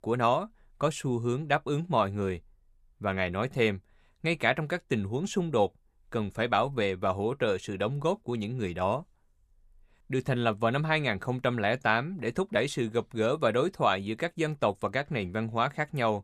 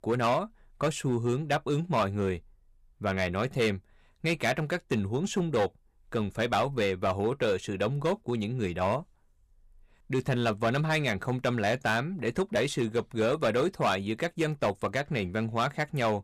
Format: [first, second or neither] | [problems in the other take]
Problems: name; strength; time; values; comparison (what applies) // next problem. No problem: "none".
first | distortion; slight; 6% of the sound clipped